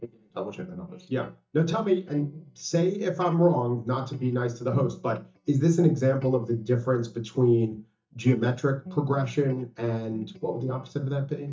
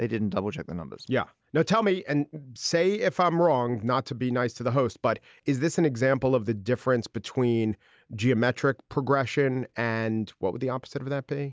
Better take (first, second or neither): second